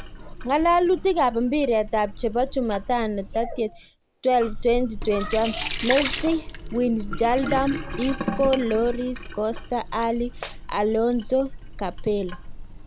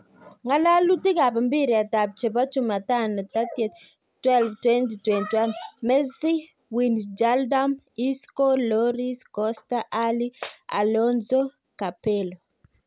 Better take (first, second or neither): second